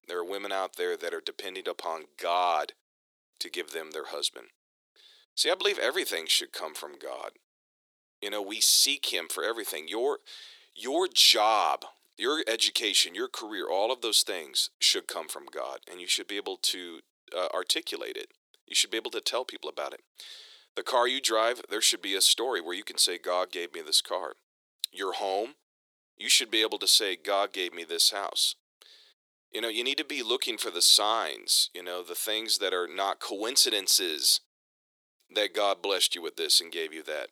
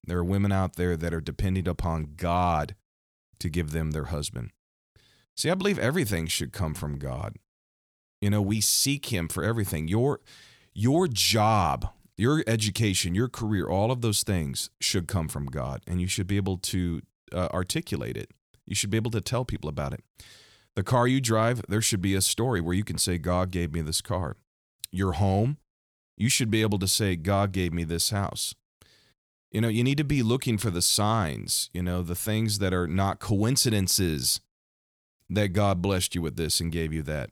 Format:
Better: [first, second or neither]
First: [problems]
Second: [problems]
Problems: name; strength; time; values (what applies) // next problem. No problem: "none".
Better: second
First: thin; very; fading below 350 Hz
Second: none